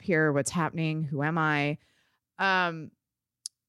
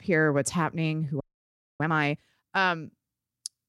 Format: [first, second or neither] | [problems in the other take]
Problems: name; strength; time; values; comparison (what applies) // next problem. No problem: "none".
first | audio freezing; at 1 s for 0.5 s